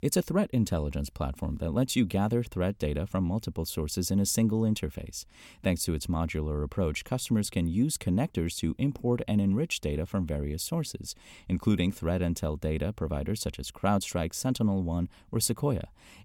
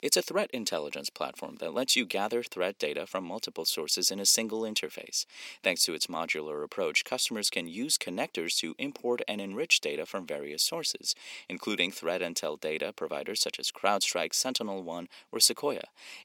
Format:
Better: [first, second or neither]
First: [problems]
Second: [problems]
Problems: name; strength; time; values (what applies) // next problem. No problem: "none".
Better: first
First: none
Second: thin; somewhat; fading below 350 Hz